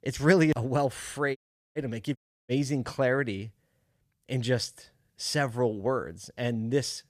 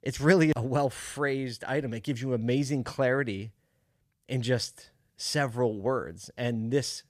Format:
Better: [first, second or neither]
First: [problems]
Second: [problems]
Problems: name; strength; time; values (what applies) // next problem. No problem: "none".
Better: second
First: audio cutting out; at 1.5 s and at 2 s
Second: none